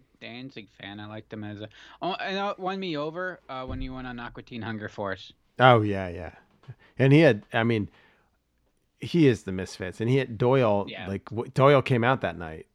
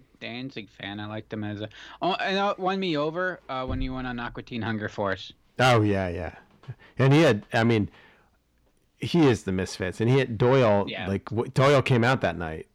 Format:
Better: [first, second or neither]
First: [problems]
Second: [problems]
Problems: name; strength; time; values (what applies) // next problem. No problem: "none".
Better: first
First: none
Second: distortion; heavy; 7 dB below the speech